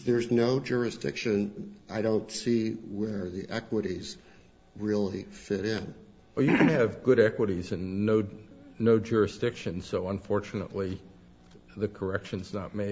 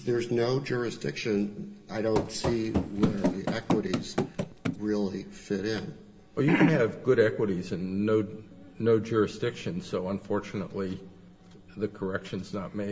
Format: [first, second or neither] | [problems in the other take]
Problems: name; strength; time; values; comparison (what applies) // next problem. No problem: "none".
first | background sound (Run); 1 dB below the speech // room echo; dies away in 2.7 s